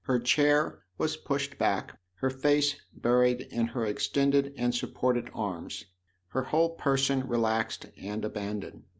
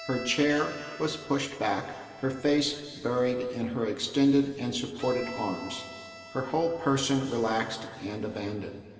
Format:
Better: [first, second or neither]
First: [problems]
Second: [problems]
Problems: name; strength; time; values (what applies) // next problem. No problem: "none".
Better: first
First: none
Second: background sound (Bowed string instrument); 18 dB below the speech // room echo; dies away in 2.3 s